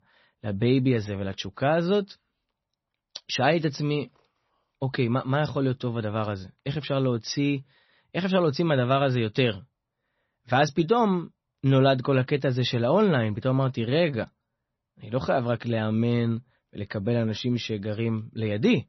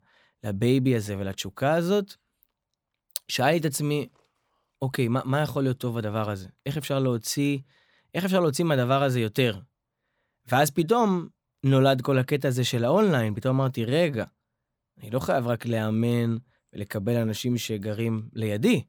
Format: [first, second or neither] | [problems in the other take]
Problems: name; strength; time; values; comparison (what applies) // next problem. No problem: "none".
second | garbled, watery; slightly; nothing above 6 kHz